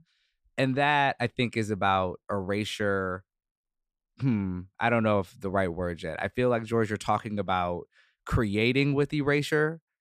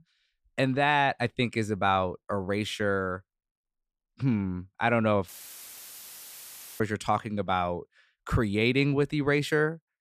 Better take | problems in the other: first | audio cutting out; filled with static; at 5.5 s for 1.5 s

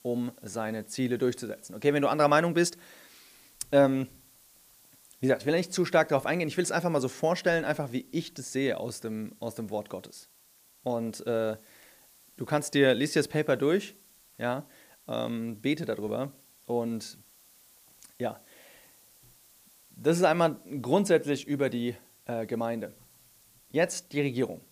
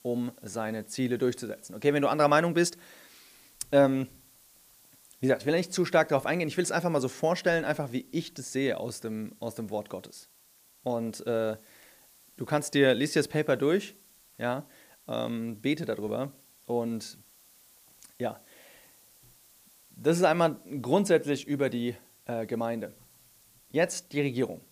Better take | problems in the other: neither | hiss; faint; throughout; 25 dB below the speech; the same in both

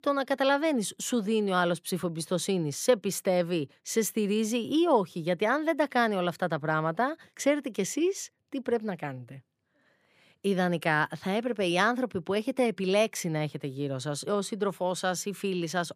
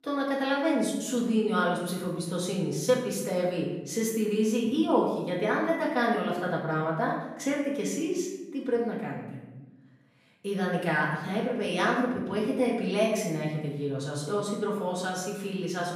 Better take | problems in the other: first | off-mic speech; far // room echo; noticeable; dies away in 0.9 s

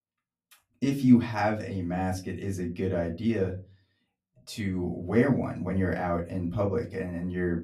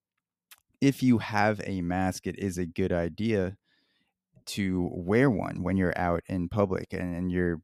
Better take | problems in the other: second | off-mic speech; far // room echo; very slight; dies away in 0.2 s

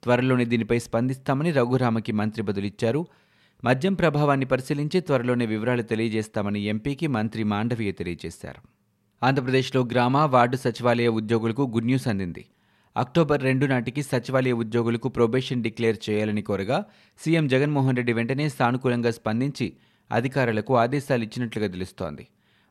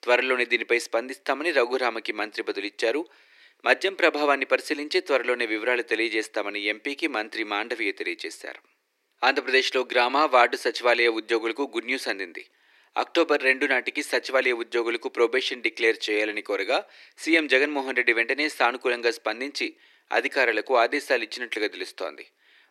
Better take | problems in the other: first | thin; very; fading below 300 Hz

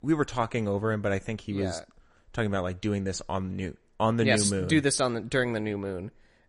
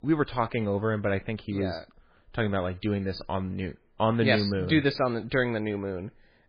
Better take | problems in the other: first | garbled, watery; badly; slightly in the first

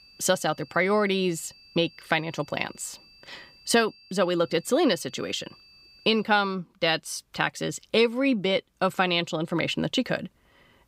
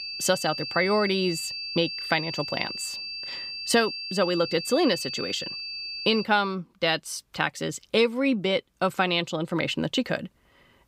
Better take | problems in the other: first | high-pitched whine; loud; until 6 s; 4.5 kHz, 6 dB below the speech; faint in the first

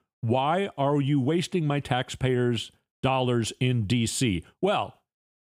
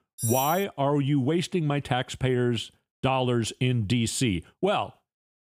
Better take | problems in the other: first | clattering dishes; noticeable; at the start; peak 3 dB below the speech

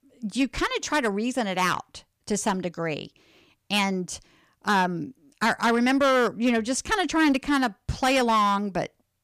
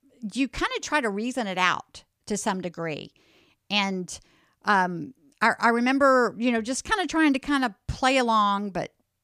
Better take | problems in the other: second | distortion; slight; 6% of the sound clipped

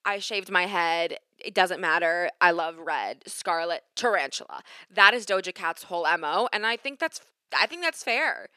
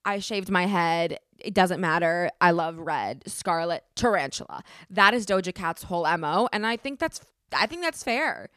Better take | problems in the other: second | thin; somewhat; fading below 400 Hz

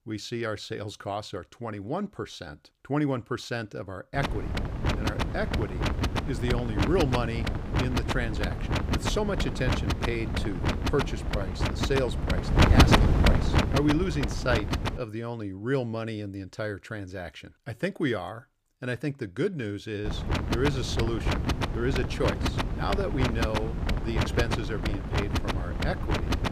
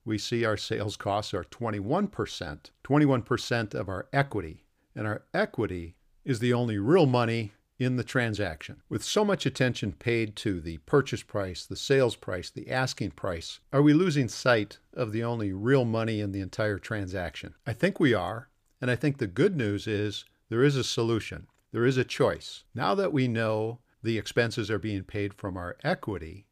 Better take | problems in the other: second | wind noise on the microphone; heavy; from 4 to 15 s and from 20 s on; 2 dB above the speech

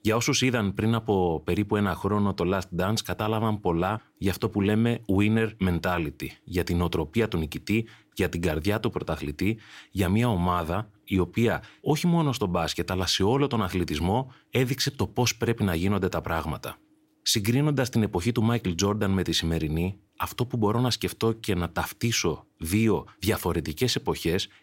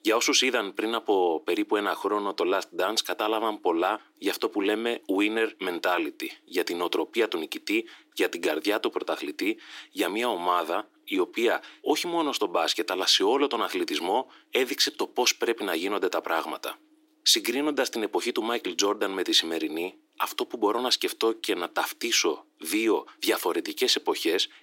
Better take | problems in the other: first | thin; somewhat; fading below 300 Hz

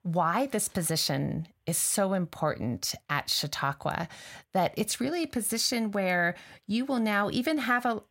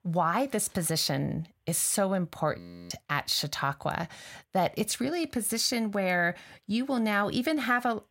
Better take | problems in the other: first | audio freezing; at 2.5 s

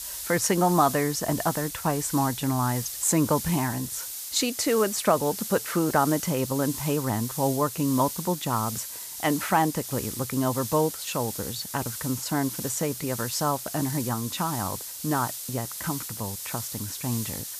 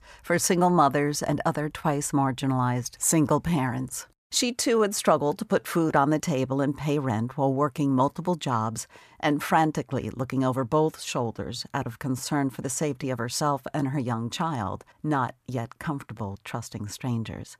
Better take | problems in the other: second | hiss; loud; throughout; 6 dB below the speech

